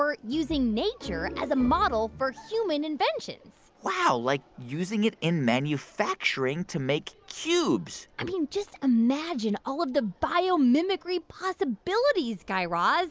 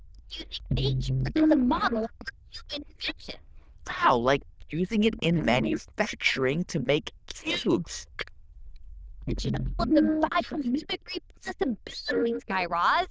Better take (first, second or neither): first